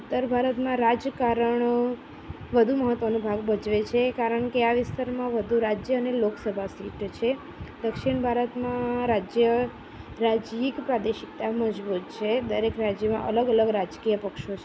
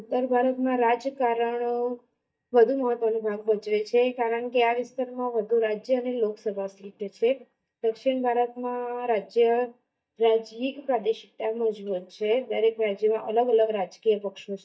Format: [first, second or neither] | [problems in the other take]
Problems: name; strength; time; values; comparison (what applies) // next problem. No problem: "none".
first | noise reduction (neural mask model DeepFilterNet 3)